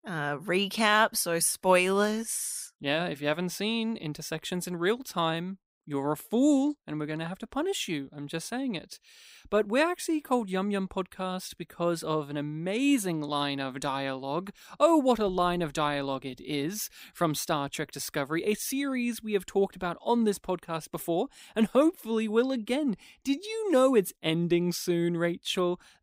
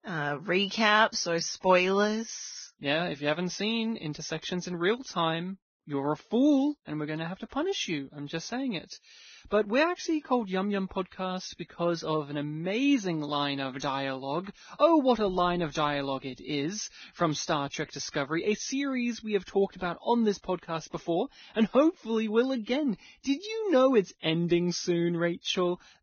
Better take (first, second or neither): first